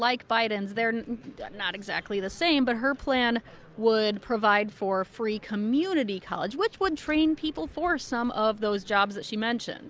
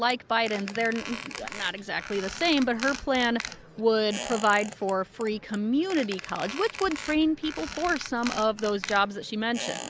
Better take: first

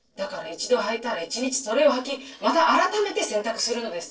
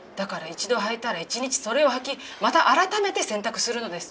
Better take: second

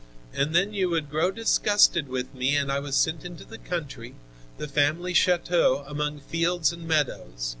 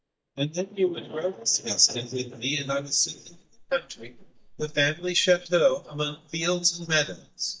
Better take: first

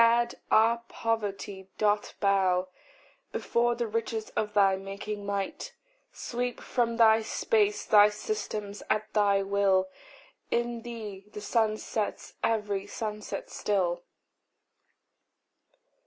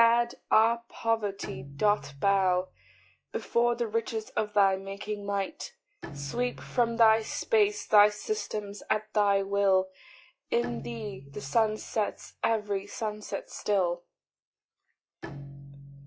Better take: first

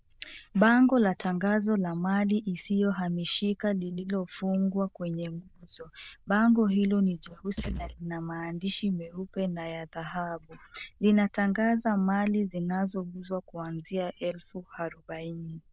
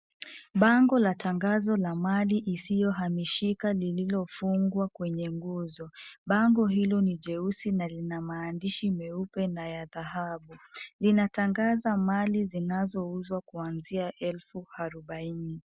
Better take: second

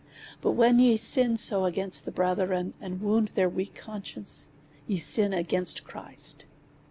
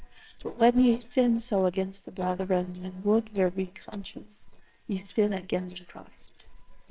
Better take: first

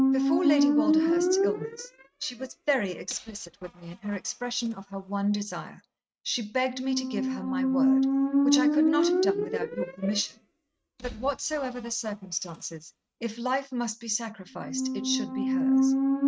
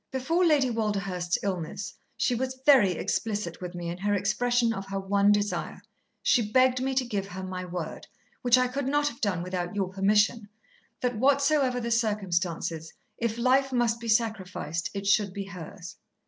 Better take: second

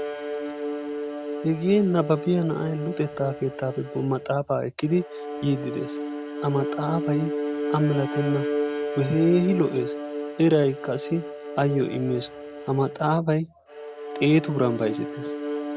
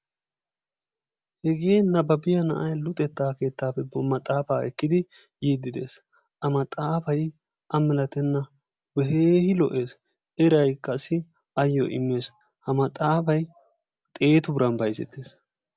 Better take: second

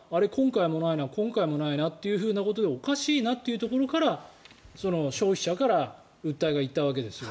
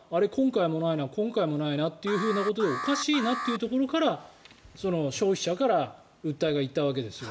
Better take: first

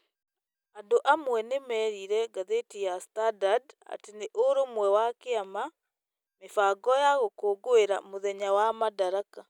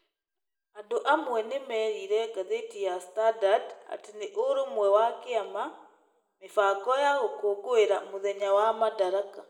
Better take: first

